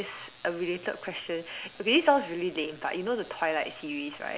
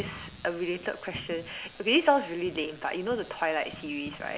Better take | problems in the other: first | background sound (Coin (dropping)); 18 dB below the speech

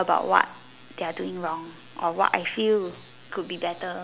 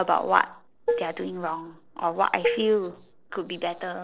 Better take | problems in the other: first | noise reduction (neural separator model SepFormer DNS4)

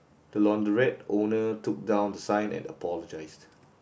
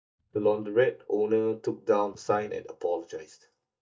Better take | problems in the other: first | noise reduction (neural mask model DeepFilterNet 3)

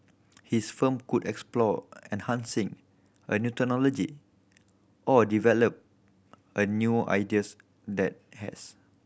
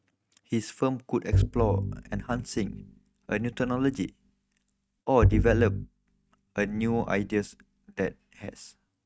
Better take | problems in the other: first | noise reduction (neural mask model RNNoise)

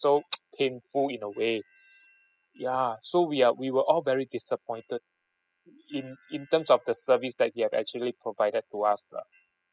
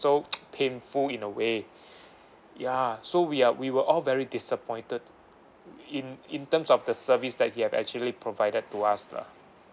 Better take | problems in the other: second | noise reduction (classical method spectral subtraction)

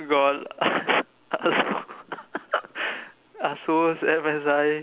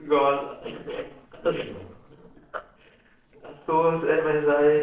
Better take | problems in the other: first | noise reduction (neural separator model SepFormer DNS4)

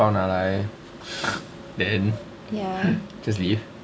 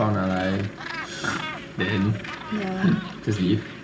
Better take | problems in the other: first | background sound (Gull, seagull); 12 dB below the speech // room echo; dies away in 0.4 s

